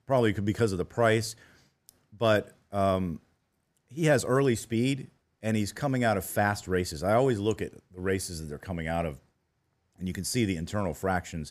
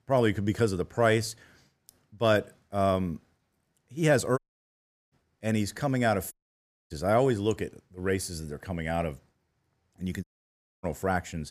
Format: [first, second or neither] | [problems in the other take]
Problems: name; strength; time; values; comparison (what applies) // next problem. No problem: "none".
first | audio cutting out; at 4.5 s for 0.5 s, at 6.5 s for 0.5 s and at 10 s for 0.5 s